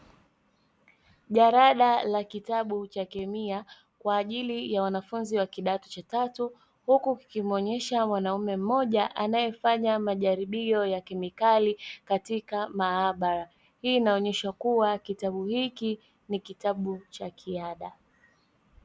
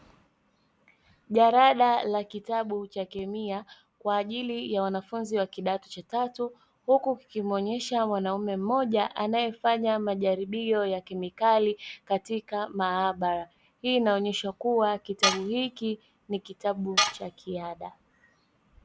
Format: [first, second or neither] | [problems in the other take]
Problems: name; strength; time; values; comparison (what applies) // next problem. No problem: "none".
first | background sound (Tools); 1 dB below the speech